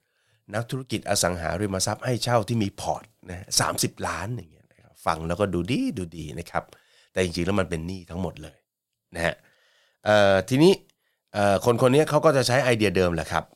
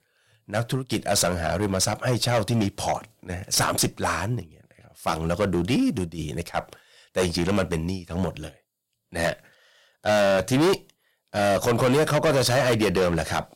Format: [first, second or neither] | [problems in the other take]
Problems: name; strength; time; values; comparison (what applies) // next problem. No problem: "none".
first | distortion; heavy; 9% of the sound clipped